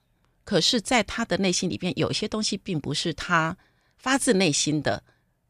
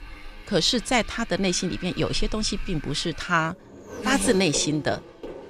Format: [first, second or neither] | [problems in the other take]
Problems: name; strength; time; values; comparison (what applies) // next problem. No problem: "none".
first | traffic noise; noticeable; throughout; 10 dB below the speech